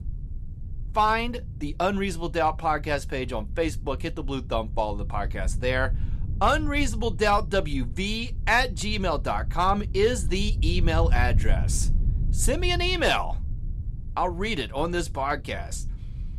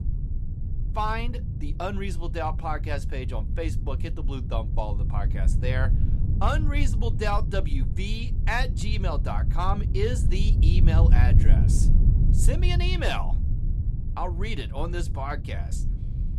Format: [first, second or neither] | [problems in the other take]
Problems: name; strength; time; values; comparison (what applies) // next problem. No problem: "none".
first | low rumble; loud; throughout; 10 dB below the speech; faint in the first